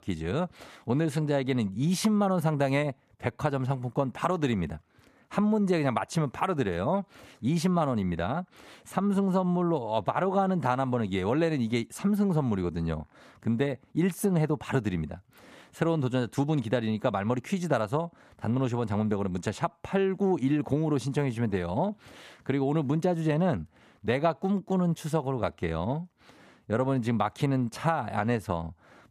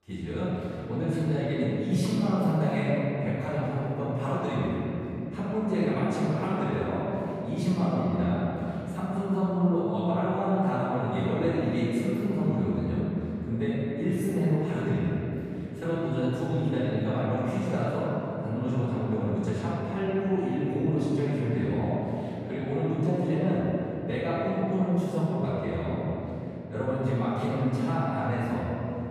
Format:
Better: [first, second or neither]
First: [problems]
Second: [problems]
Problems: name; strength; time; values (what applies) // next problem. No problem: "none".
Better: first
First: none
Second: off-mic speech; far // room echo; strong; dies away in 3 s